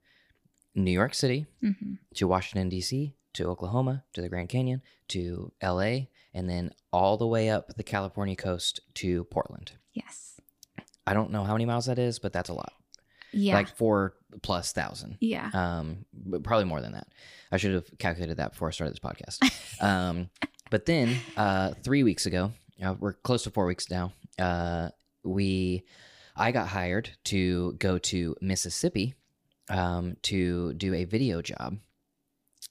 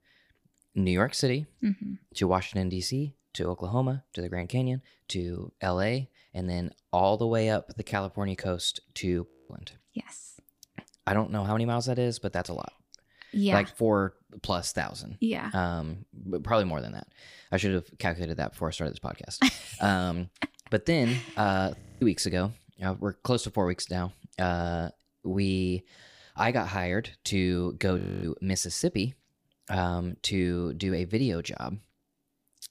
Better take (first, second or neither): first